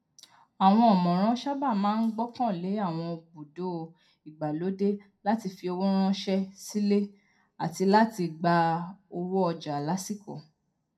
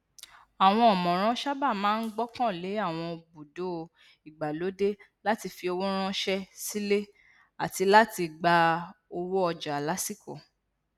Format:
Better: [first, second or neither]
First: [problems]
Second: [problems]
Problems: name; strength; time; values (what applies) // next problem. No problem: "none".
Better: second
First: room echo; dies away in 0.2 s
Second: none